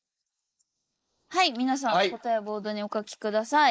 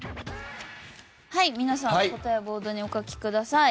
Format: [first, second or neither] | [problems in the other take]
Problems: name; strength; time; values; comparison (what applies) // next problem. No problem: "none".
second | noise reduction (neural mask model Resemble Enhance denoiser)